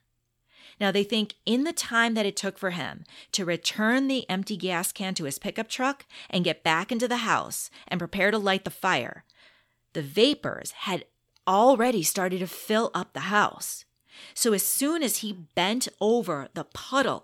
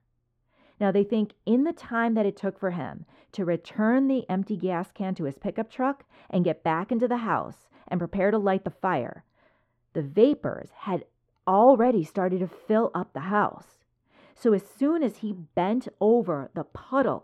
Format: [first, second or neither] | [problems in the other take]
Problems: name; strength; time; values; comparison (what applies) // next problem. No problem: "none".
first | muffled; very; fading above 2.5 kHz